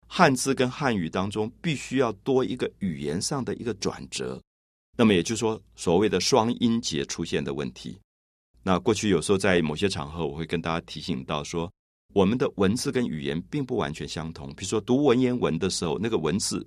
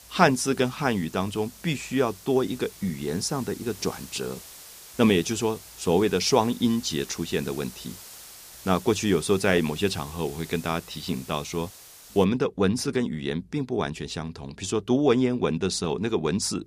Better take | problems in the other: first | hiss; noticeable; until 12 s; 15 dB below the speech

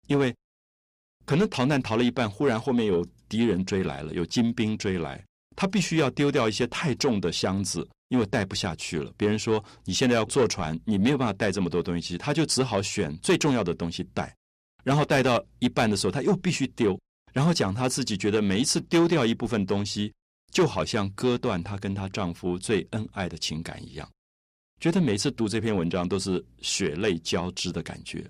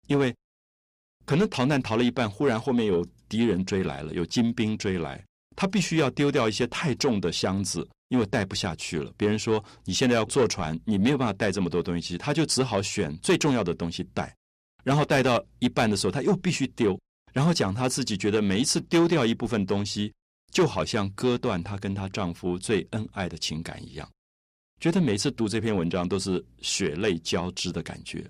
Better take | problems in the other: neither | distortion; slight; 10 dB below the speech; the same in both

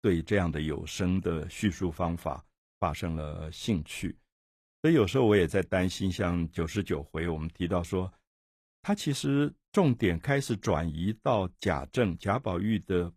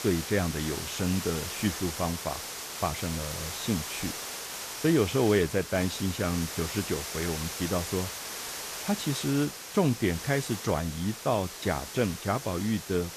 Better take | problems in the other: first | hiss; loud; throughout; 6 dB below the speech

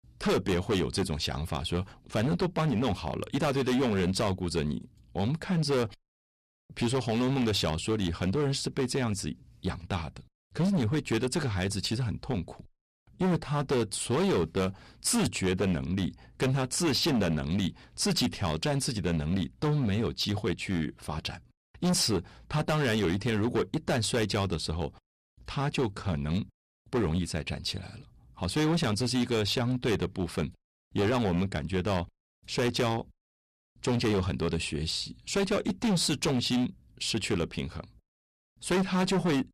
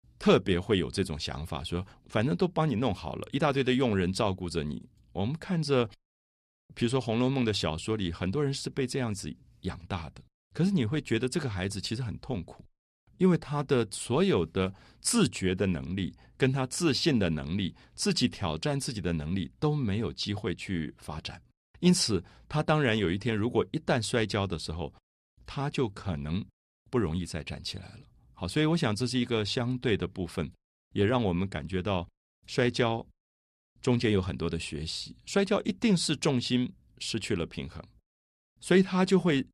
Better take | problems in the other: second | distortion; heavy; 13% of the sound clipped

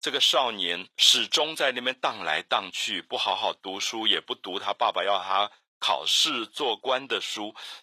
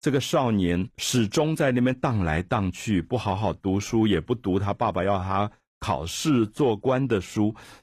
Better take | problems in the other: second | thin; very; fading below 750 Hz

